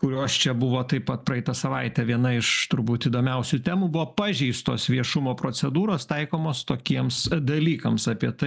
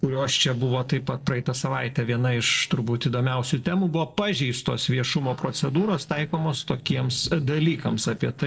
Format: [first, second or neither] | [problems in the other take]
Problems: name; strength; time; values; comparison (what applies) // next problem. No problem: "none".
first | noise reduction (neural separator model SepFormer DNS4)